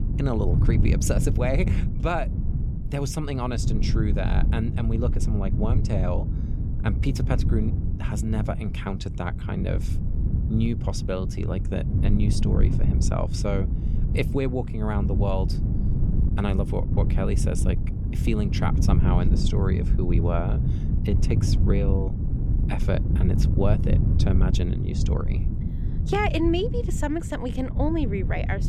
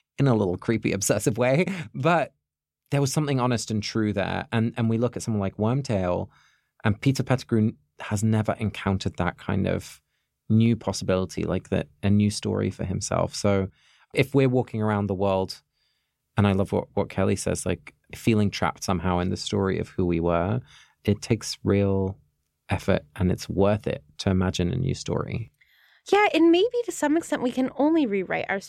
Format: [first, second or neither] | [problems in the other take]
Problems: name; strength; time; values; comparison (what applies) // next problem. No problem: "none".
second | wind noise on the microphone; heavy; 6 dB below the speech